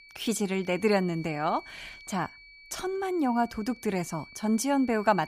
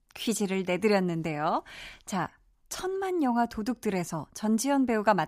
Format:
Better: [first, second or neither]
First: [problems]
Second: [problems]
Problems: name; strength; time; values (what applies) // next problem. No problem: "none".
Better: second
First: high-pitched whine; noticeable; throughout; 2.5 kHz, 20 dB below the speech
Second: none